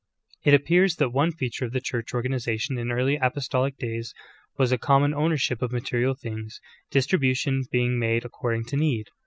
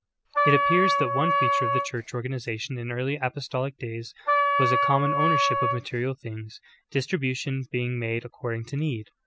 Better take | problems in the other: first | background sound (Wind instrument, woodwind instrument); 5 dB above the speech

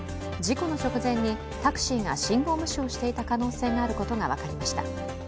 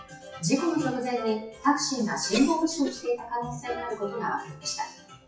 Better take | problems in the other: first | noise reduction (classical method WPE with log-MMSE)

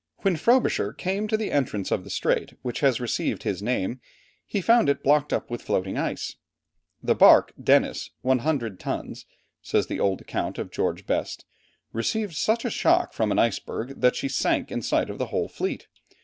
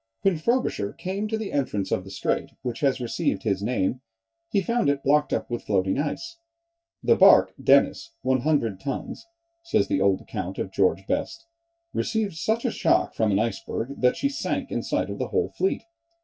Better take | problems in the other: first | noise reduction (neural mask model DeepFilterNet 3)

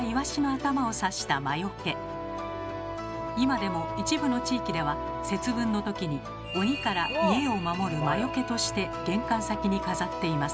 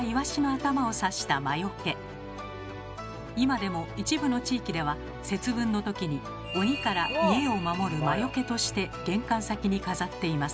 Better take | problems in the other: second | background sound (Wind instrument, woodwind instrument); 8 dB below the speech

